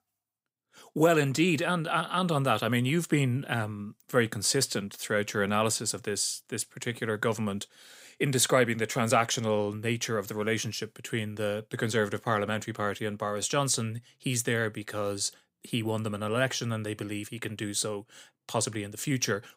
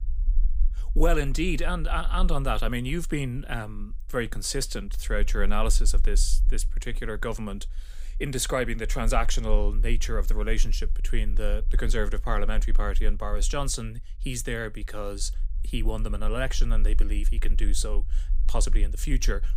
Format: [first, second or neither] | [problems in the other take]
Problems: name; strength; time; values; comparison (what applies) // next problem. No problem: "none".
first | low rumble; faint; throughout; 25 dB below the speech